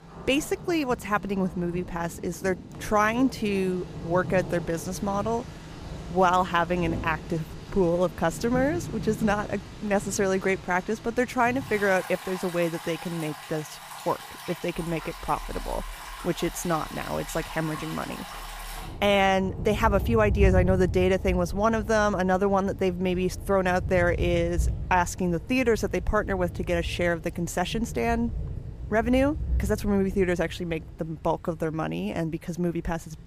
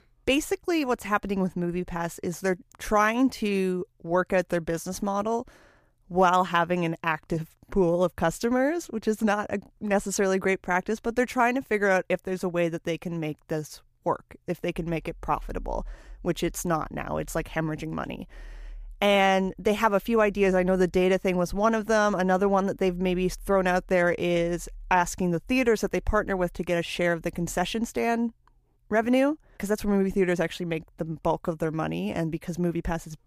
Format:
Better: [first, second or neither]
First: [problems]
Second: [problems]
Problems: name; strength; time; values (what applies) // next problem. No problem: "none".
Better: second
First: rain or running water; loud; throughout; 9 dB below the speech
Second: none